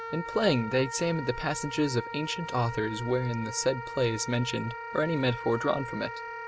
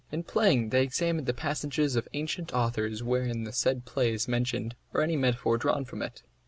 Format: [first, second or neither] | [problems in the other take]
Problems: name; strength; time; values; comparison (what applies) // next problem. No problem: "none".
second | background sound (Wind instrument, woodwind instrument); 9 dB below the speech